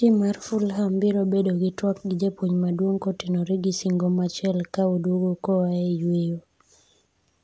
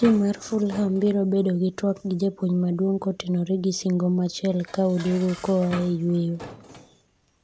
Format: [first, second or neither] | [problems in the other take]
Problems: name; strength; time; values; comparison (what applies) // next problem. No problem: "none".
first | background sound (Dishes, pots, and pans); 19 dB below the speech